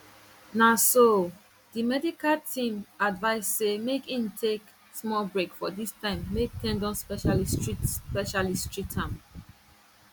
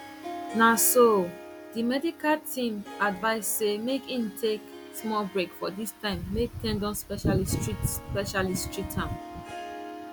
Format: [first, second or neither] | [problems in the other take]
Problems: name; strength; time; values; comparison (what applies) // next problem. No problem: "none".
first | background sound (Harp); 14 dB below the speech